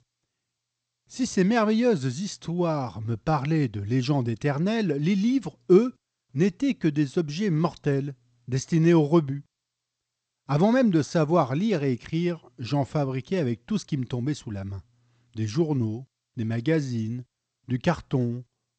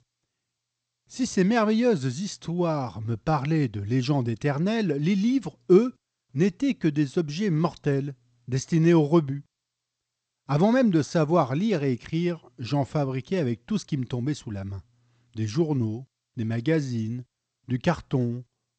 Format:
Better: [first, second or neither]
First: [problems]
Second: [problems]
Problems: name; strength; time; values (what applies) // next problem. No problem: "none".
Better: neither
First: garbled, watery; slightly; nothing above 7.5 kHz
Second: garbled, watery; slightly; nothing above 7.5 kHz